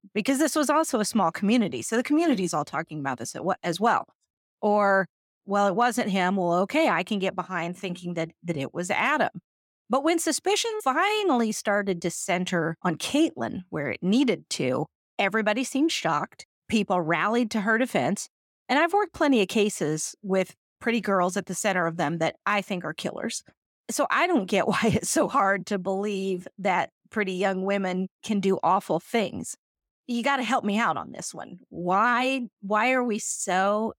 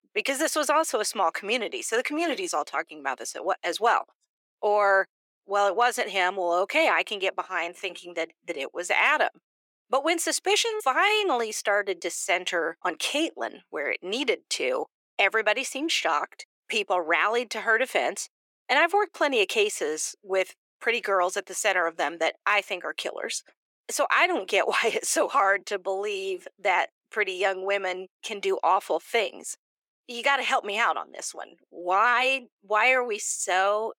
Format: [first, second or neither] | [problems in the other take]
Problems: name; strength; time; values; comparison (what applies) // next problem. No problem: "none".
first | thin; very; fading below 400 Hz